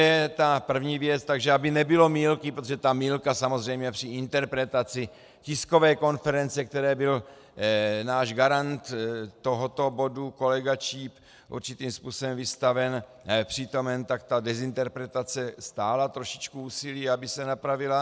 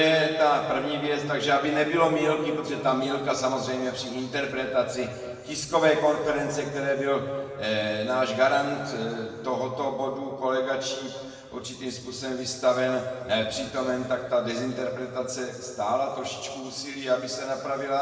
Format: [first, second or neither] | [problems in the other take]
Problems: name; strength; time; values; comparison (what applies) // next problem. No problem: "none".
first | room echo; dies away in 1.9 s